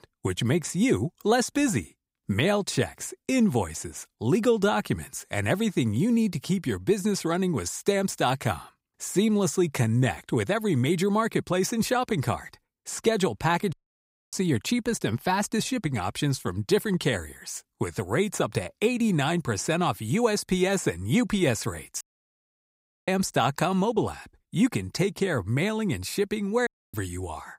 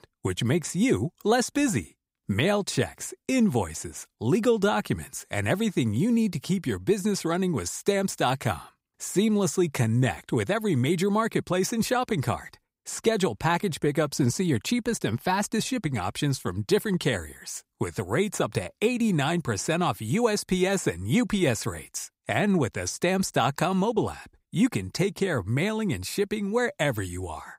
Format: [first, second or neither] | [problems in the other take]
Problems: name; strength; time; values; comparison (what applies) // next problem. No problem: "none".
second | audio cutting out; at 14 s for 0.5 s, at 22 s for 1 s and at 27 s